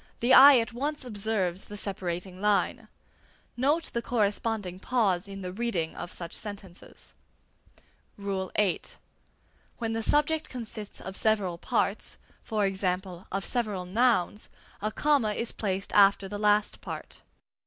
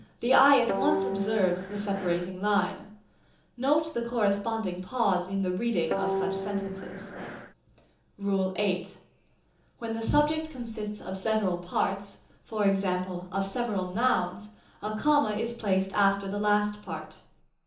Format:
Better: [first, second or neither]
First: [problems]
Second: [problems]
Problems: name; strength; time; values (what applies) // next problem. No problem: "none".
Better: first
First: none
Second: background sound (Guitar); 4 dB below the speech // room echo; dies away in 1.2 s